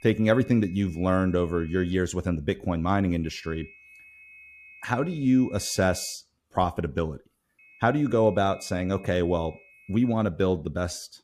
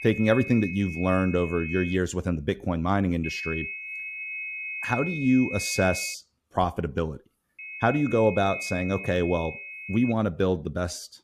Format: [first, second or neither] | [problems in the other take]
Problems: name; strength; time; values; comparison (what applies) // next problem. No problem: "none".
first | high-pitched whine; loud; until 2 s, from 3 to 6 s and from 7.5 to 10 s; 2.5 kHz, 8 dB below the speech; faint in the first